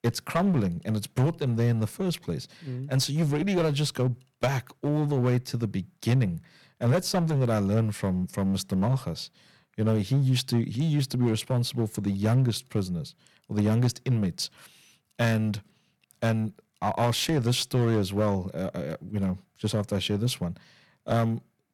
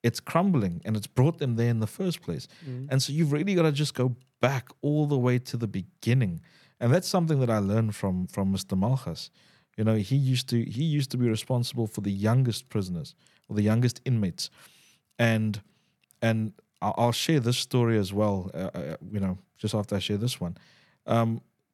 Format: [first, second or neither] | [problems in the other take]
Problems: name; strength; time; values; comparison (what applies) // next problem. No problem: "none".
second | distortion; slight; 8% of the sound clipped